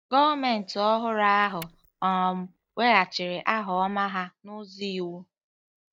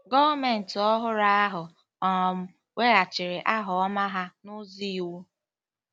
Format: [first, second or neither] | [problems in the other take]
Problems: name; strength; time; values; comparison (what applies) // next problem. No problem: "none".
second | noise reduction (neural mask model DeepFilterNet 3)